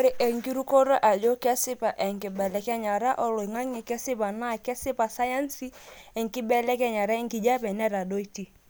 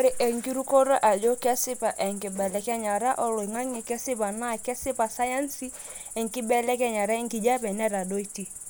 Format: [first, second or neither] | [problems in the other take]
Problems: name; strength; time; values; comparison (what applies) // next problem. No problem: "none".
first | background sound (Cricket); 14 dB below the speech